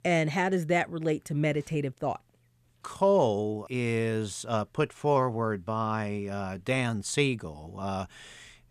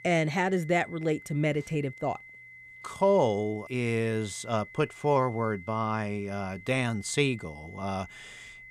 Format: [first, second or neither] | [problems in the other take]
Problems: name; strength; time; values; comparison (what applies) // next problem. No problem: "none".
first | high-pitched whine; noticeable; throughout; 2 kHz, 20 dB below the speech